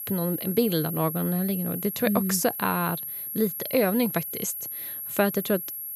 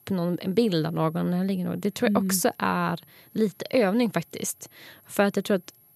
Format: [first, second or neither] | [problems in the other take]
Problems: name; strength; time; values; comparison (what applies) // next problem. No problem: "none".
second | high-pitched whine; loud; throughout; 11.5 kHz, 5 dB below the speech; faint in the second